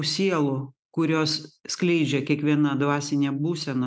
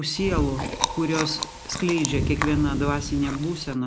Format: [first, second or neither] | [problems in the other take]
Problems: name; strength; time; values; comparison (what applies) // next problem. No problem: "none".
first | background sound (Chewing, mastication); 4 dB below the speech